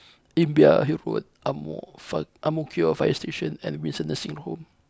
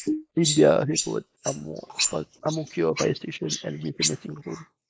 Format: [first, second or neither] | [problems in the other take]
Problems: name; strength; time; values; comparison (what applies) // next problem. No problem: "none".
first | noise reduction (neural mask model Resemble Enhance denoiser)